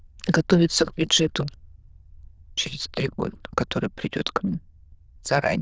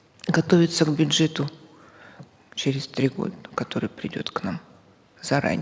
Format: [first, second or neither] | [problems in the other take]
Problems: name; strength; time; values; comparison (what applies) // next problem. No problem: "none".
second | noise reduction (neural diffusion model UNIVERSE++)